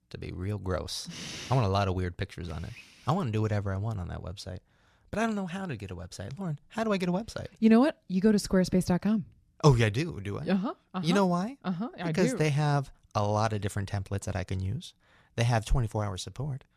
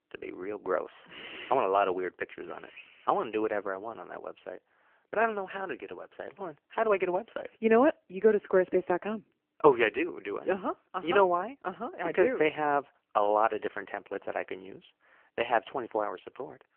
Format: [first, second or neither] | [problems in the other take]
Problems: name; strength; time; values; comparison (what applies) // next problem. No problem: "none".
first | phone-call audio; poor line; nothing above 3 kHz